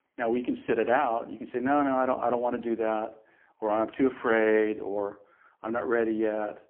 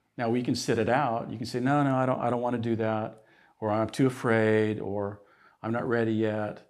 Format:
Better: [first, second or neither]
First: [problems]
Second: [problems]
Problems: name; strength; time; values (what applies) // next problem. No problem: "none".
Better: second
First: phone-call audio; poor line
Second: none